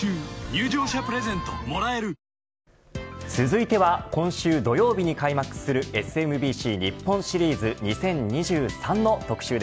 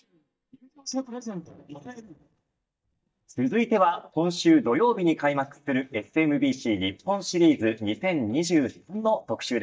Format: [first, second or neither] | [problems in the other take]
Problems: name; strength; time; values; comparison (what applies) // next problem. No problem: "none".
first | noise reduction (neural mask model DeepFilterNet 3)